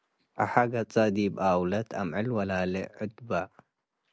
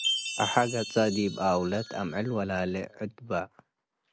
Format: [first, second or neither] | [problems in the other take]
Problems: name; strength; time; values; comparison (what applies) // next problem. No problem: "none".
first | background sound (Chime); 8 dB below the speech